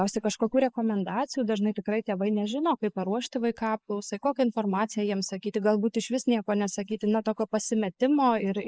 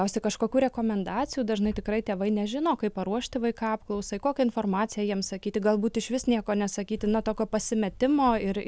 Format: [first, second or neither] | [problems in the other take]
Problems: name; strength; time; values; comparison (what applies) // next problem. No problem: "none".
second | noise reduction (neural mask model Resemble Enhance denoiser)